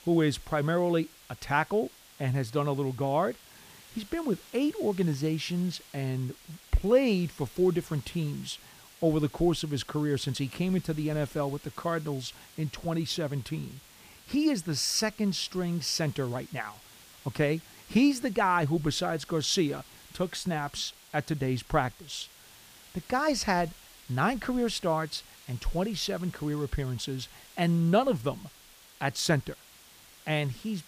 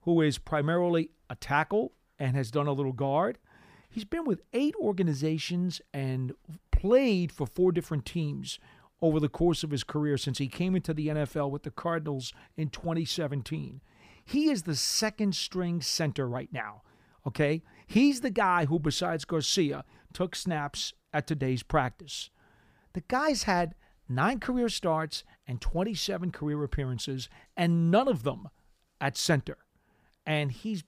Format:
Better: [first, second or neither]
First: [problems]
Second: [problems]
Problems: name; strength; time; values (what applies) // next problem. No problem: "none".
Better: second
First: hiss; faint; throughout; 20 dB below the speech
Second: none